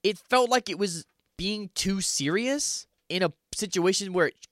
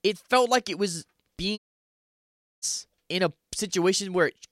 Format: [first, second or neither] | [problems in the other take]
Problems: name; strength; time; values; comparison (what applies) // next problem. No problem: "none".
first | audio cutting out; at 1.5 s for 1 s